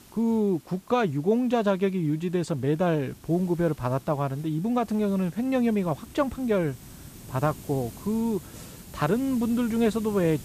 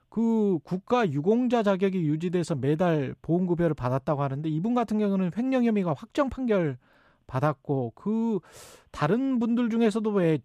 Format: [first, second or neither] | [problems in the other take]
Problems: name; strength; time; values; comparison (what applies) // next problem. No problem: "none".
second | hiss; noticeable; throughout; 20 dB below the speech